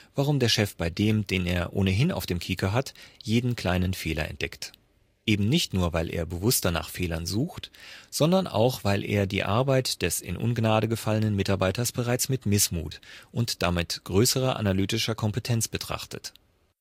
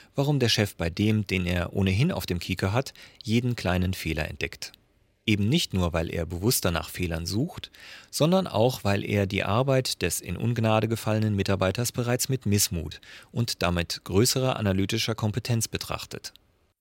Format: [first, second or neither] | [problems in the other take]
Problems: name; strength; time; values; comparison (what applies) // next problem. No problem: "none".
second | garbled, watery; slightly; nothing above 15 kHz